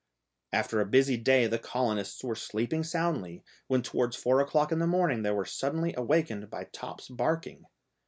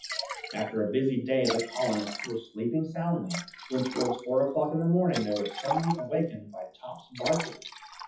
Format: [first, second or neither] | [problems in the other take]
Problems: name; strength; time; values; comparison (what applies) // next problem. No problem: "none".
first | noise reduction (classical method WPE with log-MMSE)